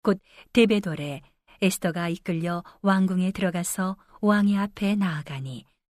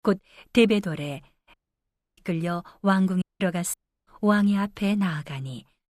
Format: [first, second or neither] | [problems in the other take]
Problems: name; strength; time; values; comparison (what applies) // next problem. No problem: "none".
first | audio cutting out; at 1.5 s for 0.5 s, at 3 s and at 3.5 s